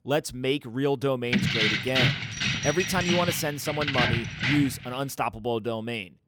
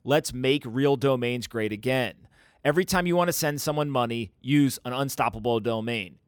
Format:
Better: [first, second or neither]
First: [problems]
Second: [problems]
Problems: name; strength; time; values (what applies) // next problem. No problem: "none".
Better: second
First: jangling keys; loud; from 1.5 to 5 s; peak 5 dB above the speech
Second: none